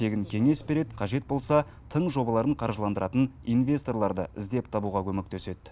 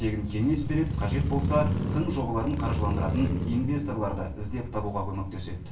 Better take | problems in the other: first | background sound (Motorcycle / Crow); 2 dB below the speech // room echo; dies away in 0.3 s

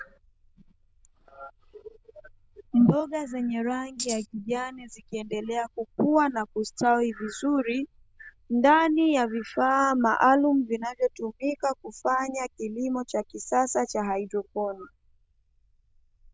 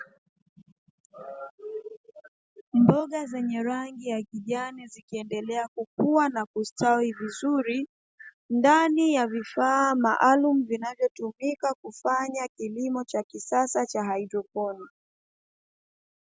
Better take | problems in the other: second | noise reduction (neural diffusion model UNIVERSE++)

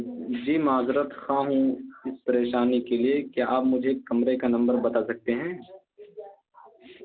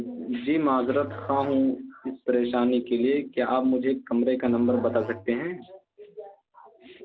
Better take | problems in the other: first | background sound (Musical instrument); 18 dB below the speech

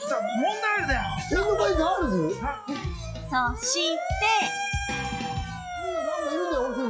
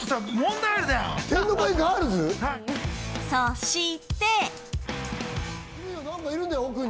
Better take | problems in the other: second | noise reduction (classical method log-MMSE)

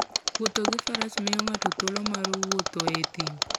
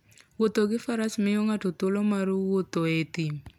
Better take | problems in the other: second | background sound (Mechanisms); 3 dB above the speech

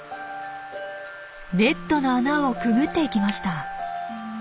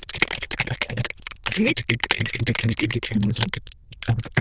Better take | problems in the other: first | noise reduction (neural diffusion model UNIVERSE++)

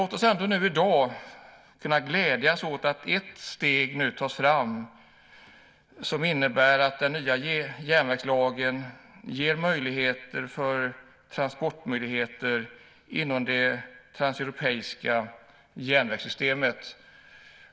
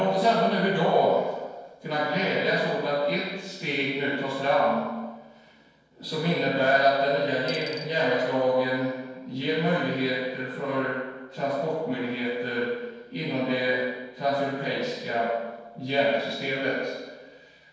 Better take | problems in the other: first | noise reduction (neural separator model SepFormer DNS4)

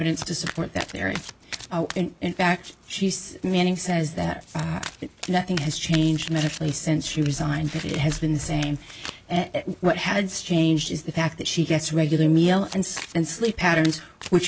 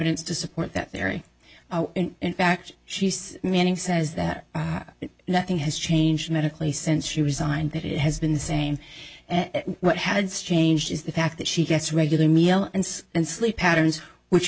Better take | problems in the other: second | background sound (Domestic sounds, home sounds); 16 dB below the speech

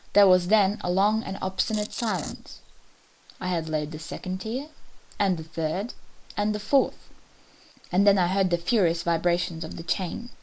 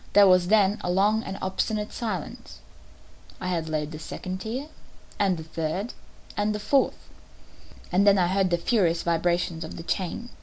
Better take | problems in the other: second | noise reduction (neural mask model Resemble Enhance denoiser)

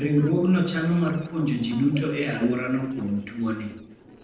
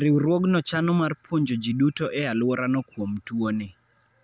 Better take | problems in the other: second | noise reduction (neural separator model SepFormer DNS4)

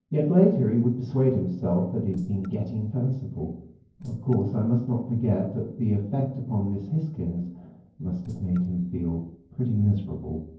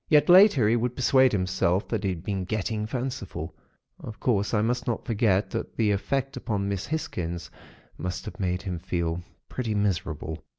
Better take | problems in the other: second | noise reduction (neural separator model SepFormer DNS4)

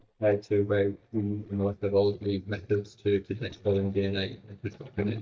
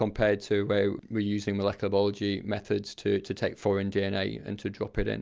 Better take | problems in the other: second | noise reduction (neural mask model DeepFilterNet 3)

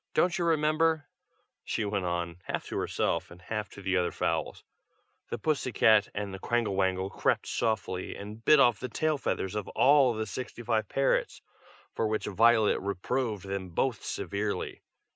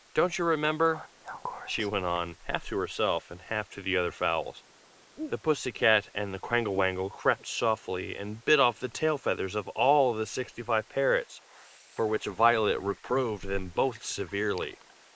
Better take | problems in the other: first | noise reduction (neural mask model Resemble Enhance denoiser)

